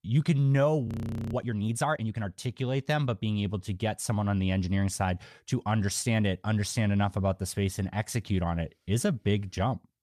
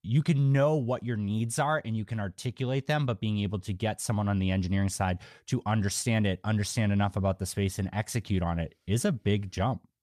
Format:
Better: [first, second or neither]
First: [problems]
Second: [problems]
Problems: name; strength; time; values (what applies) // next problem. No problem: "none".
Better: second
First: audio freezing; at 1 s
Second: none